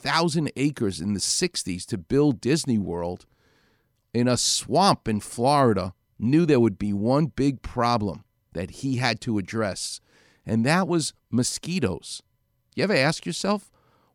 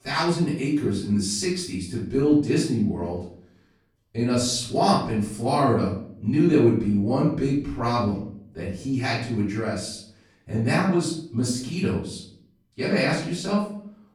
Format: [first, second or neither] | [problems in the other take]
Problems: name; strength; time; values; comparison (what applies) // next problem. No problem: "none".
first | off-mic speech; far // room echo; noticeable; dies away in 0.6 s